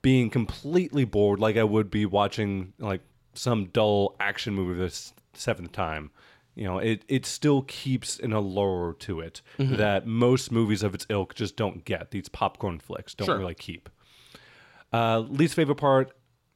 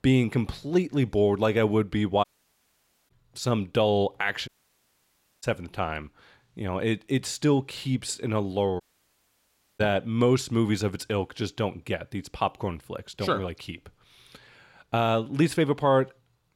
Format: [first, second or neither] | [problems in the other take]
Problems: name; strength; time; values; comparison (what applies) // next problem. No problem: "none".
first | audio cutting out; at 2 s for 1 s, at 4.5 s for 1 s and at 9 s for 1 s